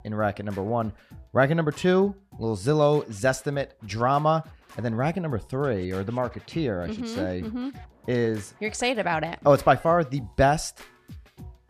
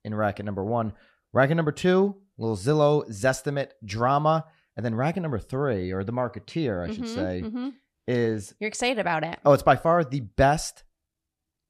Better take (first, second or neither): second